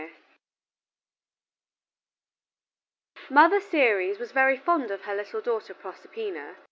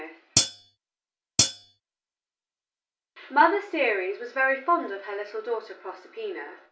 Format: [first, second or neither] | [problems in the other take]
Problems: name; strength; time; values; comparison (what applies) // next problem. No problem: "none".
first | background sound (Hi-hat); 4 dB above the speech // room echo; dies away in 0.3 s